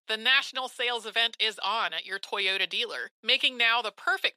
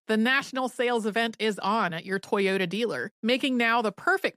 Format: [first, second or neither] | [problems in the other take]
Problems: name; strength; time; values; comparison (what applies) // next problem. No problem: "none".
second | thin; very; fading below 650 Hz